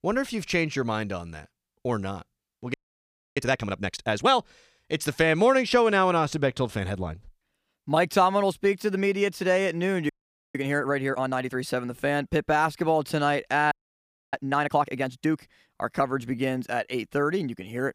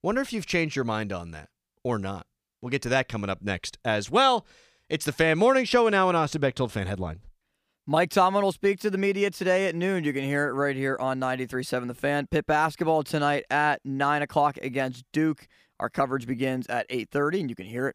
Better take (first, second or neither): second